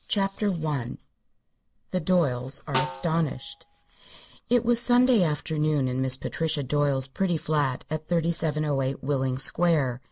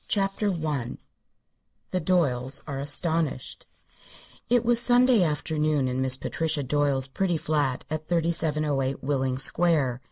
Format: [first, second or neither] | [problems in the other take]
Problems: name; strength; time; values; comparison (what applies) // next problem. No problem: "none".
second | background sound (Snare drum); 11 dB below the speech